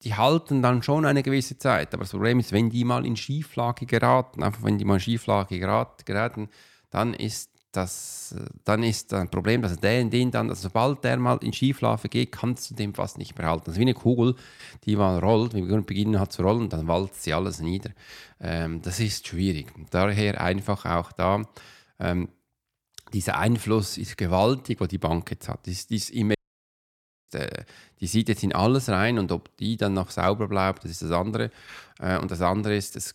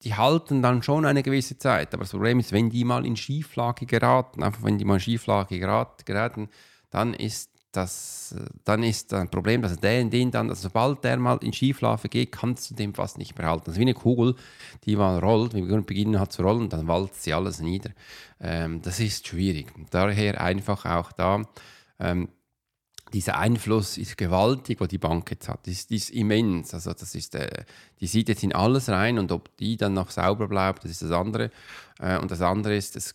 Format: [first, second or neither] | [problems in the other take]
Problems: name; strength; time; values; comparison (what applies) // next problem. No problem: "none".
second | audio cutting out; at 26 s for 1 s